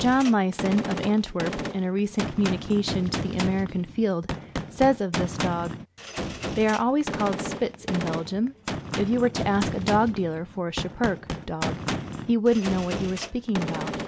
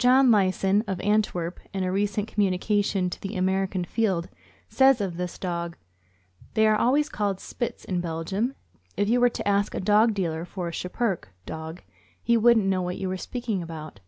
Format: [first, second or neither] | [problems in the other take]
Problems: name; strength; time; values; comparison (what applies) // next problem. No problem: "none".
second | background sound (Gunshot, gunfire); 7 dB below the speech